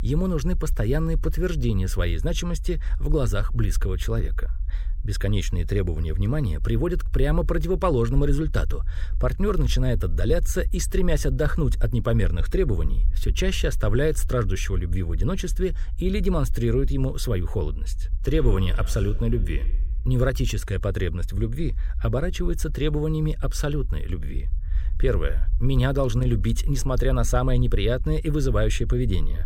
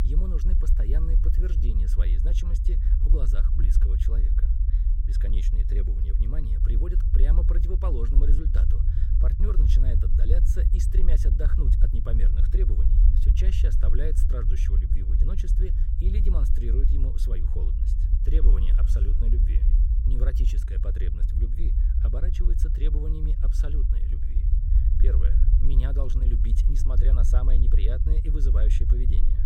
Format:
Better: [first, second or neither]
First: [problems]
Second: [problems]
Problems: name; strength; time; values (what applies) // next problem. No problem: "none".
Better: first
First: low rumble; faint; throughout; 25 dB below the speech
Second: low rumble; loud; throughout; 2 dB below the speech